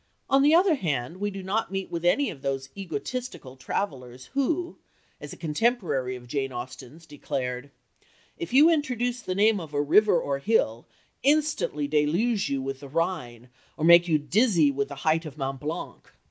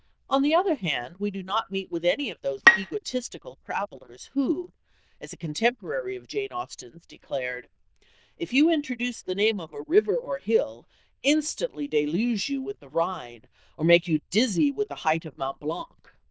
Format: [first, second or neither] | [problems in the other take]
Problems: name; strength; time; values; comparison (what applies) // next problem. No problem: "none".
first | noise reduction (neural diffusion model UNIVERSE++)